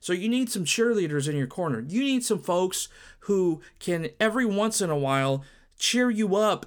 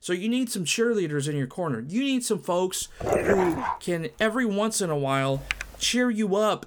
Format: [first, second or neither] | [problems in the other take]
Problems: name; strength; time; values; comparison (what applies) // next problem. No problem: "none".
first | dog barking; loud; at 3 s; peak 2 dB above the speech // keyboard typing; noticeable; at 5.5 s; peak 6 dB below the speech